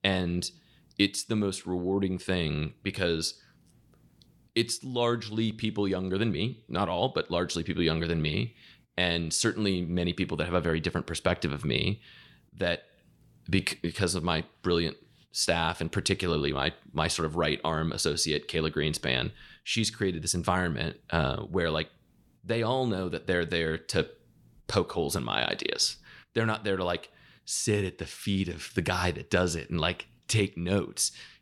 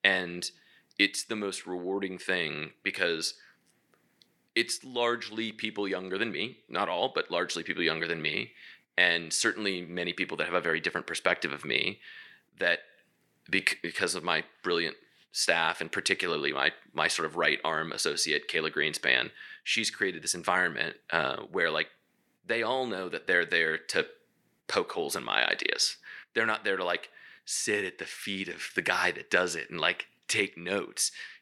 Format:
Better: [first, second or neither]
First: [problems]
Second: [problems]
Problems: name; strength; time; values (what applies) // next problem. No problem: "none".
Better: first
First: none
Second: thin; somewhat; fading below 300 Hz